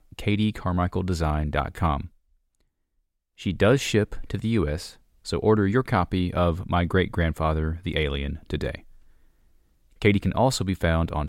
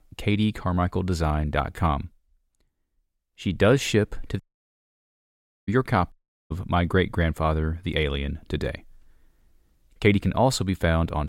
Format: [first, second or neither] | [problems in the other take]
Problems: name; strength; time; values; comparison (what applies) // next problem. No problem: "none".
first | audio cutting out; at 4.5 s for 1.5 s and at 6 s